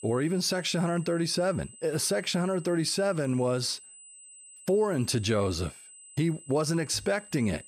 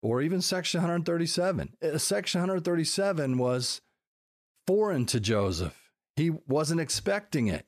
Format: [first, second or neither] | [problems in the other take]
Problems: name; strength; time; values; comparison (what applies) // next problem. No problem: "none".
second | high-pitched whine; noticeable; throughout; 8 kHz, 20 dB below the speech